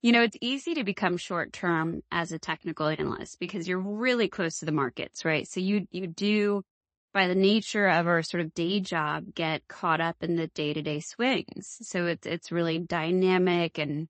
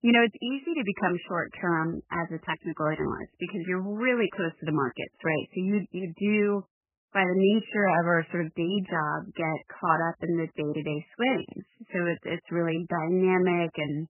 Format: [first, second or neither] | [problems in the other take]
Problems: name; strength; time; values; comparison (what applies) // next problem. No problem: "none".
first | garbled, watery; badly; nothing above 3 kHz; slightly in the first